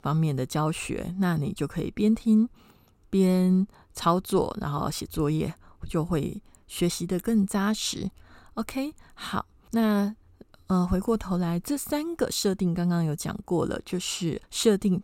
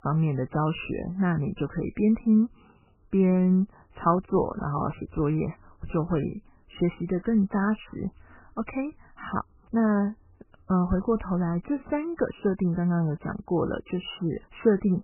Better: first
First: none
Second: garbled, watery; badly; nothing above 3 kHz

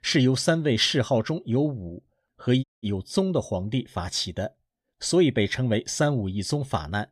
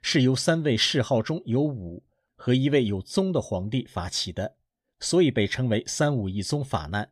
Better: second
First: audio cutting out; at 2.5 s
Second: none

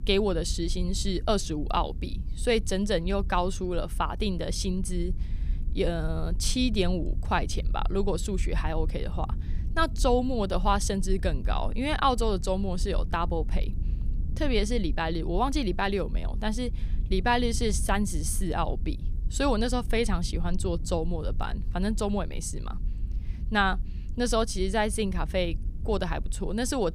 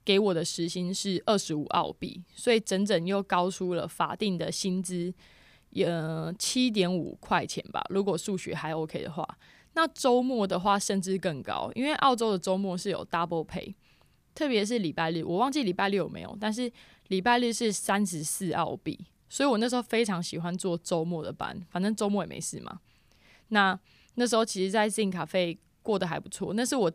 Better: second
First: low rumble; faint; throughout; 20 dB below the speech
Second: none

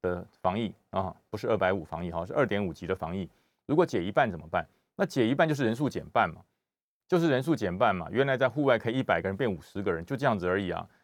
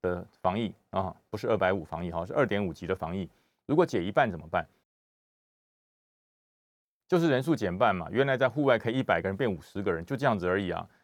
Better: first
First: none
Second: audio cutting out; at 5 s for 2 s

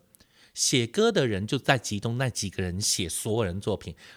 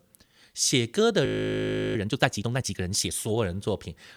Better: first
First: none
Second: audio freezing; at 1.5 s for 0.5 s

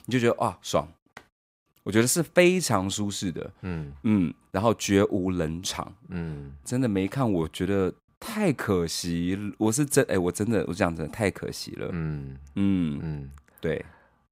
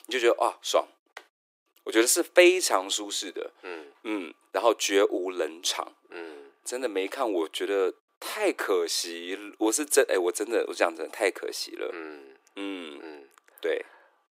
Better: first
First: none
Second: thin; very; fading below 350 Hz

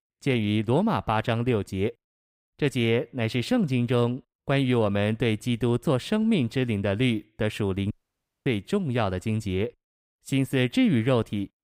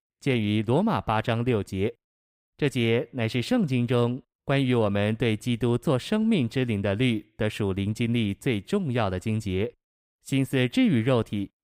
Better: second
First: audio cutting out; at 8 s for 0.5 s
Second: none

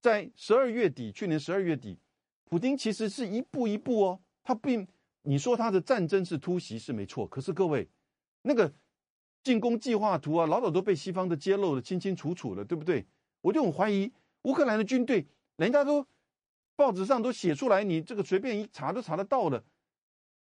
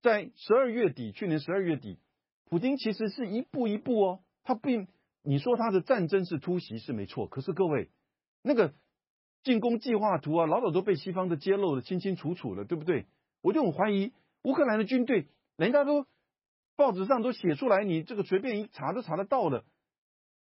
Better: first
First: garbled, watery; slightly; nothing above 10 kHz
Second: garbled, watery; badly; nothing above 5.5 kHz

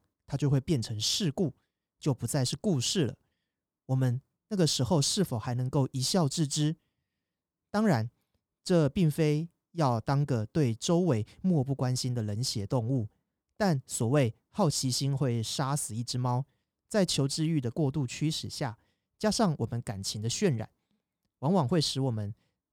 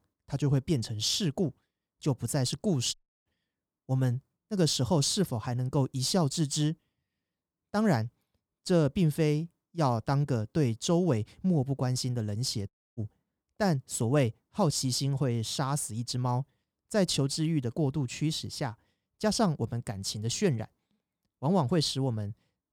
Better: first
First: none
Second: audio cutting out; at 3 s and at 13 s

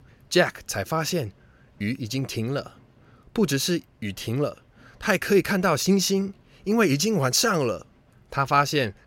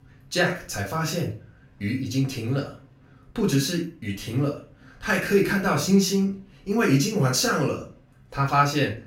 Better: first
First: none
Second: off-mic speech; far // room echo; slight; dies away in 0.3 s

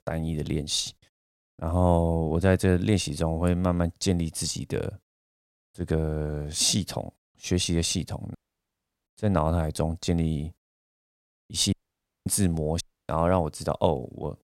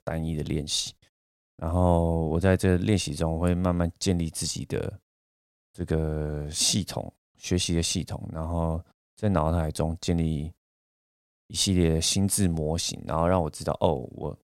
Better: second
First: audio cutting out; at 8.5 s for 0.5 s, at 12 s for 0.5 s and at 13 s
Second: none

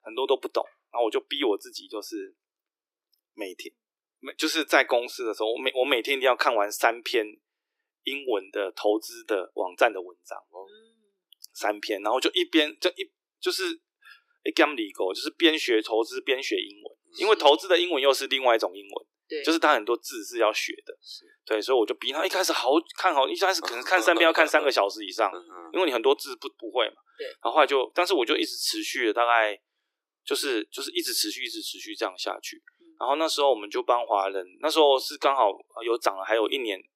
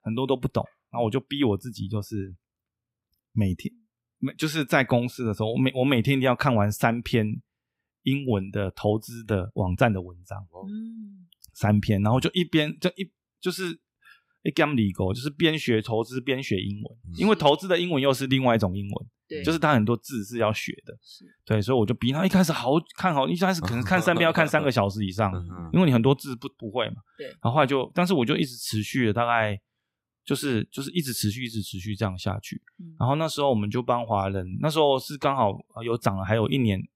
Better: second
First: thin; very; fading below 300 Hz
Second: none

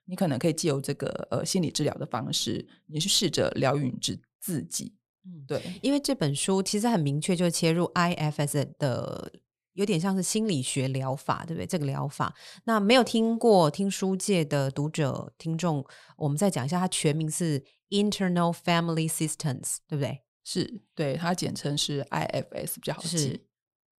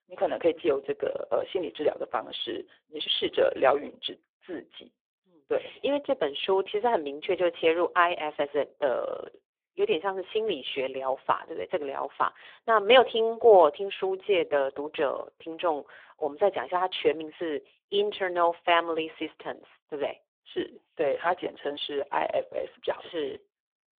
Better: first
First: none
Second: phone-call audio; poor line; nothing above 3.5 kHz

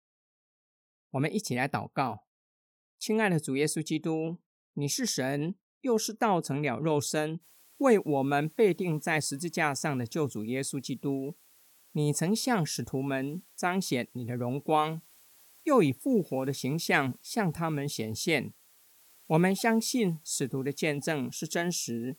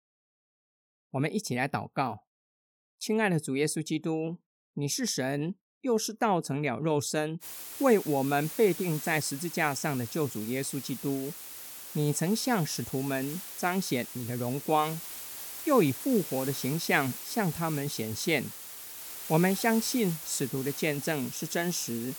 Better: first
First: hiss; faint; from 7.5 s on; 25 dB below the speech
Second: hiss; loud; from 7.5 s on; 9 dB below the speech

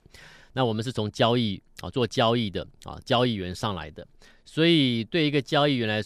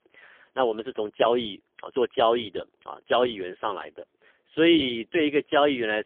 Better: first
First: none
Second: phone-call audio; poor line; nothing above 3.5 kHz

